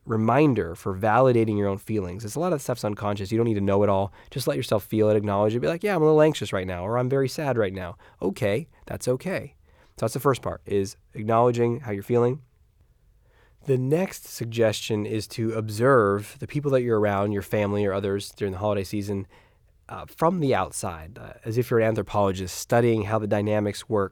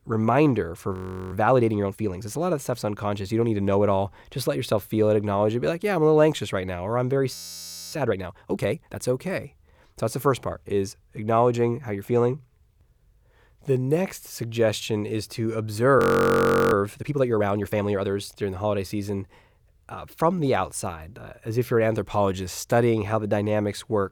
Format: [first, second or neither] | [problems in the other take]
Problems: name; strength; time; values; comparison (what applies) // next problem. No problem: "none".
first | audio freezing; at 1 s, at 7.5 s for 0.5 s and at 16 s for 0.5 s